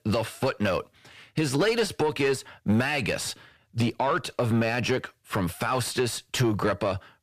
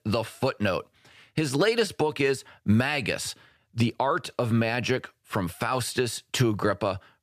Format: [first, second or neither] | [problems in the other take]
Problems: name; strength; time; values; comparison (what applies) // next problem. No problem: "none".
second | distortion; slight; 10 dB below the speech